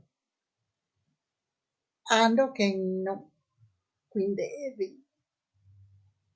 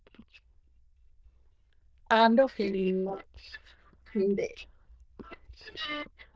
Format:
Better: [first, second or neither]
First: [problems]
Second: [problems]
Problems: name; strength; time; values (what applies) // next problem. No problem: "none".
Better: first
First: none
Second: noise reduction (neural diffusion model UNIVERSE++)